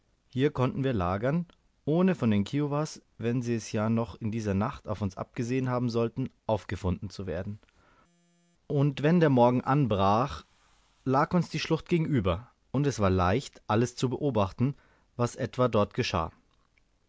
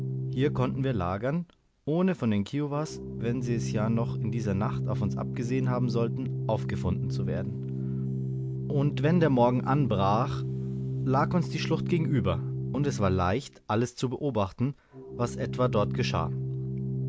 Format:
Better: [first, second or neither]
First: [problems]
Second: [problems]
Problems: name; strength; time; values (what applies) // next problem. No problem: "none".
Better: first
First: none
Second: background sound (Organ); 3 dB below the speech